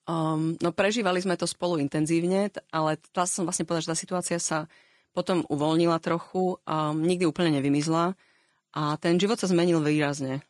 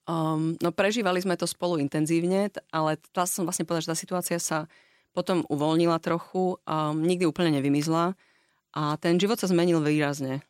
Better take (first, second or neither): second